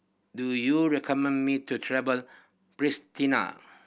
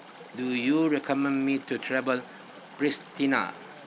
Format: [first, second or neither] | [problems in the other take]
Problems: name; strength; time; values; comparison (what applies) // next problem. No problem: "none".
first | background sound (Chatter / Stream); 18 dB below the speech